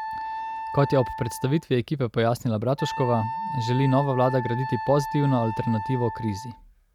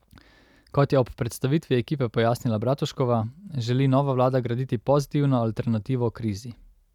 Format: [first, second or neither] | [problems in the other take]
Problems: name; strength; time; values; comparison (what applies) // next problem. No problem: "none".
second | background sound (Wind instrument, woodwind instrument); 8 dB below the speech